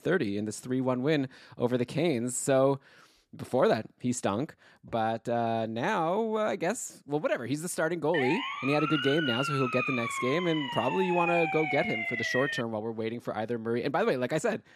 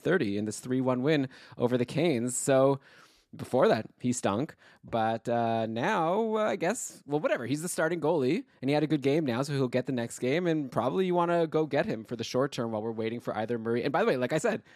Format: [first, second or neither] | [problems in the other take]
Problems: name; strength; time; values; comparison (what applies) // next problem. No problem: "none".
second | siren; loud; from 8 to 13 s; peak level with the speech